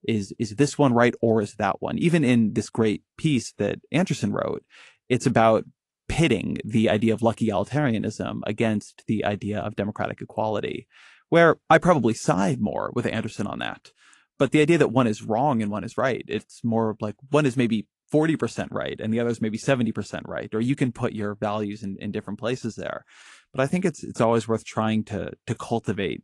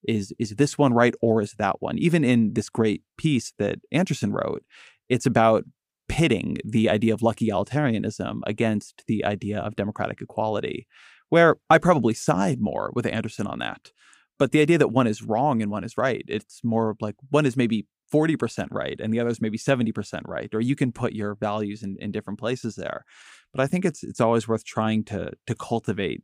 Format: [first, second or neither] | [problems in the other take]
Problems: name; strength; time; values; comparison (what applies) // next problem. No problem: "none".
second | garbled, watery; slightly